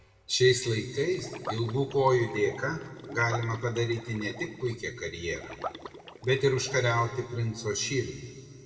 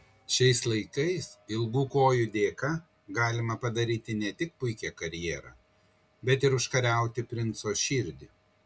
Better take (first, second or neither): second